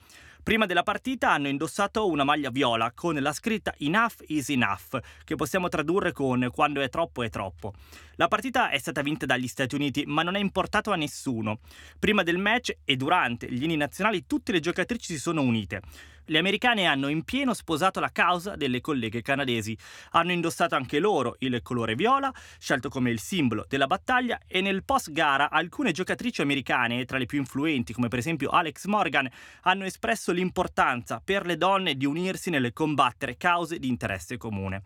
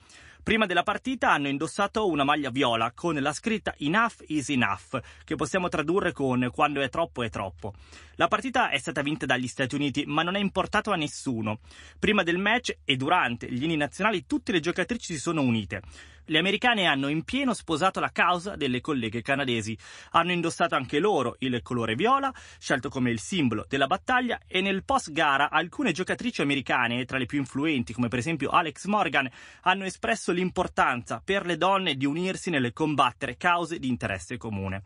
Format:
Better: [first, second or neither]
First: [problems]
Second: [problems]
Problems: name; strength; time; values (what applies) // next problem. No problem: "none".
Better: first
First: none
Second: garbled, watery; slightly; nothing above 10.5 kHz